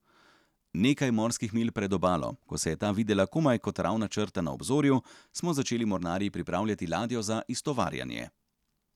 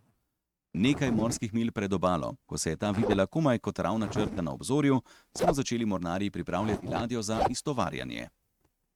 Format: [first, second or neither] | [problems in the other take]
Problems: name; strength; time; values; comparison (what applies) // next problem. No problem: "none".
first | noise reduction (neural mask model RNNoise)